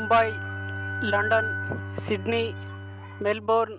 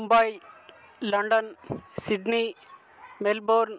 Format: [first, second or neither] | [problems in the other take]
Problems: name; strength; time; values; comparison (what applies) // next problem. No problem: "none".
second | background sound (Bowed string instrument + Wind instrument, woodwind instrument); 5 dB below the speech